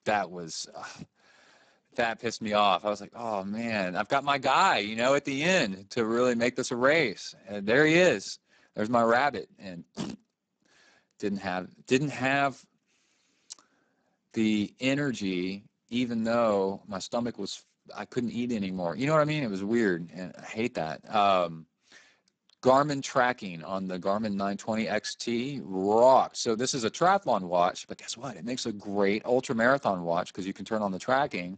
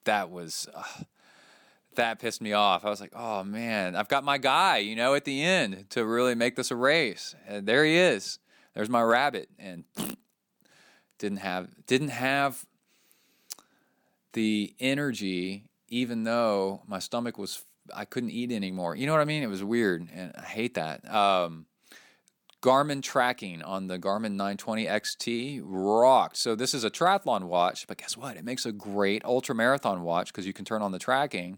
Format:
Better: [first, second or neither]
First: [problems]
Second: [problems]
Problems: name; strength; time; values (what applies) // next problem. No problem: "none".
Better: second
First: garbled, watery; badly; nothing above 7.5 kHz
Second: none